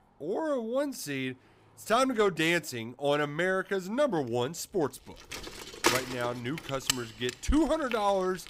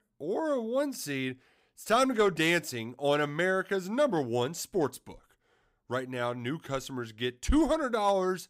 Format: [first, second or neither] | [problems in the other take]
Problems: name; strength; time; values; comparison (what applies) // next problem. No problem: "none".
second | traffic noise; loud; throughout; 4 dB below the speech